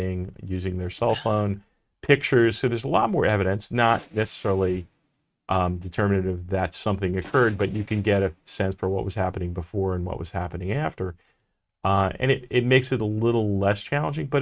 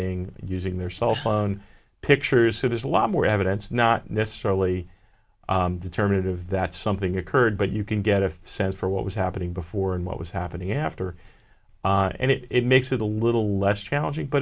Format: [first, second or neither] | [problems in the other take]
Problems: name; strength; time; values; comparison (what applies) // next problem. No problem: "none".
second | noise reduction (neural mask model RNNoise)